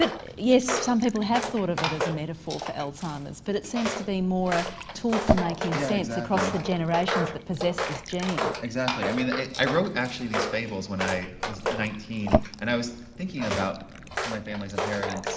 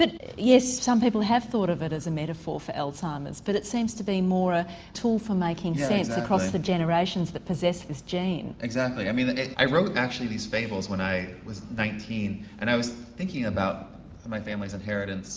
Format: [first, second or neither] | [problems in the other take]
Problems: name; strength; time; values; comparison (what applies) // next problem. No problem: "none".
second | background sound (Fill (with liquid) / Glass + Walk, footsteps); 3 dB below the speech